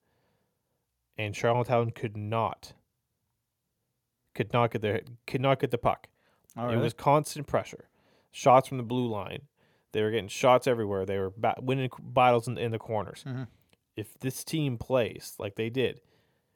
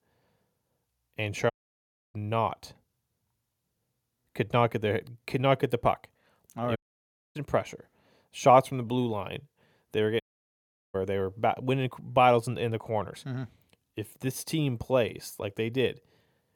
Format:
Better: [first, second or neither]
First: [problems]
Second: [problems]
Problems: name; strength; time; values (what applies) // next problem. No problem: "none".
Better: first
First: none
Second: audio cutting out; at 1.5 s for 0.5 s, at 7 s for 0.5 s and at 10 s for 0.5 s